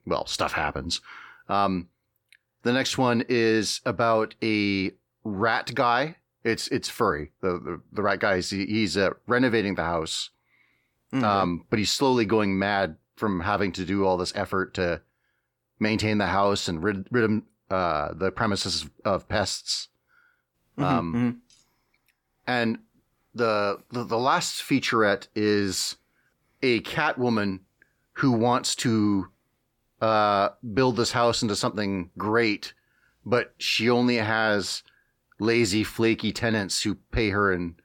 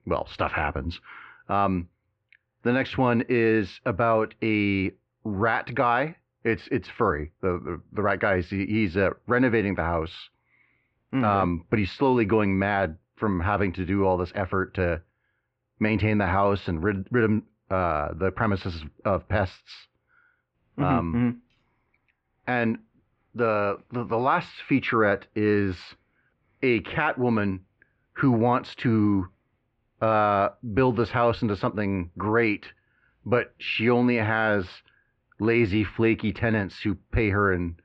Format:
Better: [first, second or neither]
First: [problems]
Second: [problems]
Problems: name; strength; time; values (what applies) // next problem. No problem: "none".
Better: first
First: none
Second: muffled; very; fading above 2.5 kHz